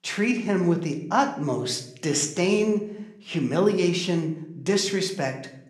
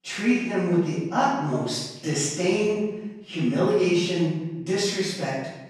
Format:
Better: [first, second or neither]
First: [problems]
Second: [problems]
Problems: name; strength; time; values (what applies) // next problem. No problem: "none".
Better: first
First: room echo; slight; dies away in 0.6 s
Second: room echo; strong; dies away in 1 s // off-mic speech; far